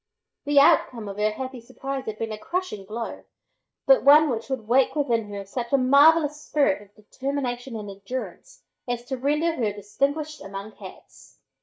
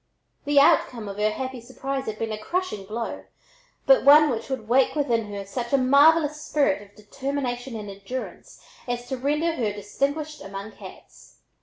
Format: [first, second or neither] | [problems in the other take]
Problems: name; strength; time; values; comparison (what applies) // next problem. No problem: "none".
second | noise reduction (neural mask model DeepFilterNet 3)